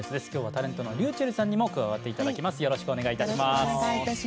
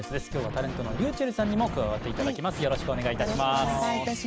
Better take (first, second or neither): first